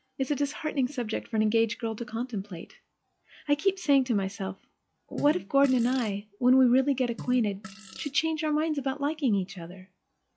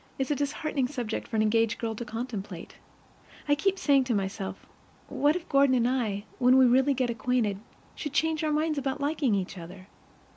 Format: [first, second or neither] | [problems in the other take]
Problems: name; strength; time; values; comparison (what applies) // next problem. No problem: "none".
second | noise reduction (classical method log-MMSE)